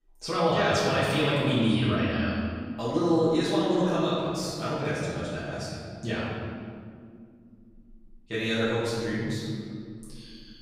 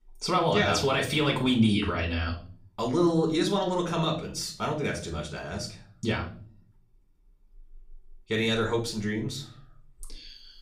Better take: second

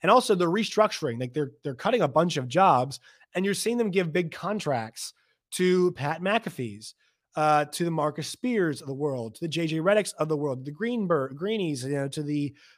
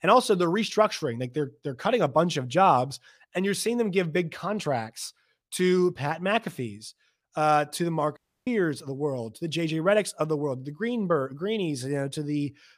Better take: first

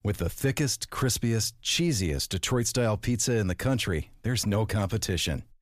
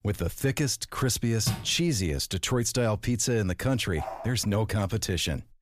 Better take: first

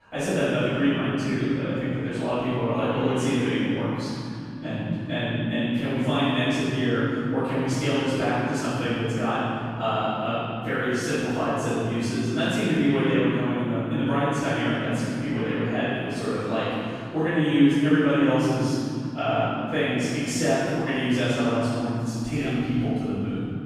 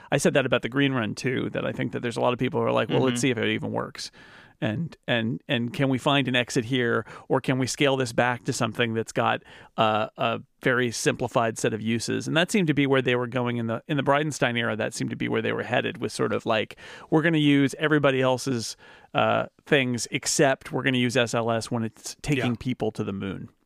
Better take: second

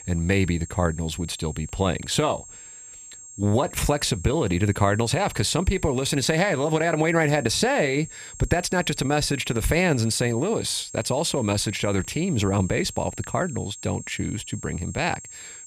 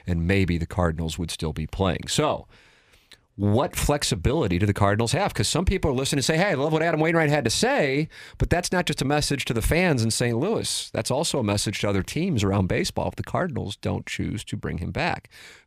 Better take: second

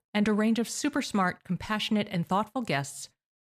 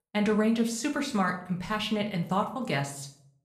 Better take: first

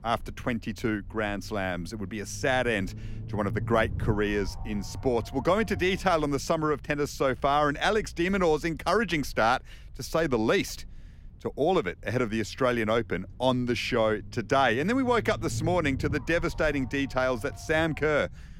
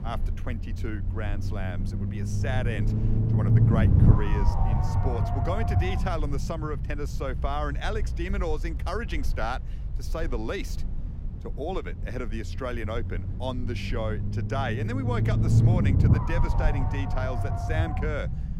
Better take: first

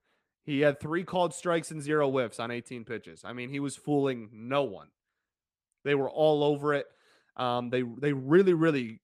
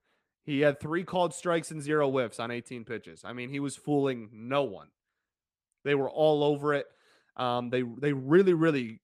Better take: neither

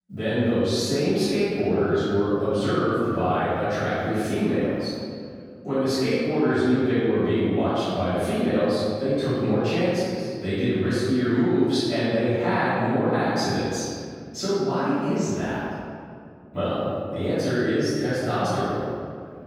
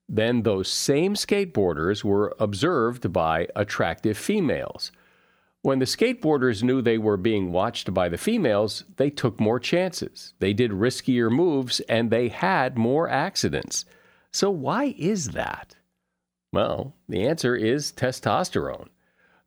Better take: second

